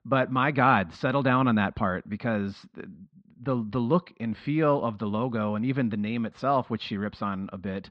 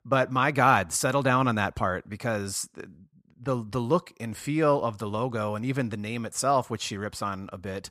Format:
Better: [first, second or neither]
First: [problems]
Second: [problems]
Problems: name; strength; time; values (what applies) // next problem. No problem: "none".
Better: second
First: muffled; slightly; fading above 4 kHz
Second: none